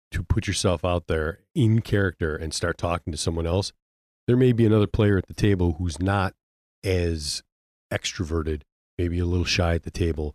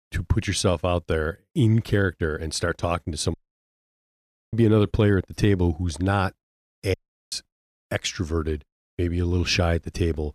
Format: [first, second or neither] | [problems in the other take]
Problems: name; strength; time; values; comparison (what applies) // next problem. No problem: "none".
first | audio cutting out; at 3.5 s for 0.5 s, at 4 s and at 7 s